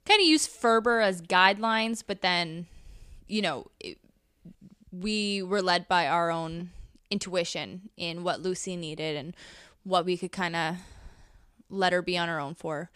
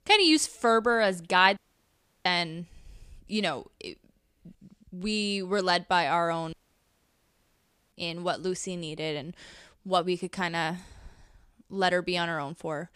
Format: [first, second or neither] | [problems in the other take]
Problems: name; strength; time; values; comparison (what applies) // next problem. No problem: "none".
first | audio cutting out; at 1.5 s for 0.5 s and at 6.5 s for 1.5 s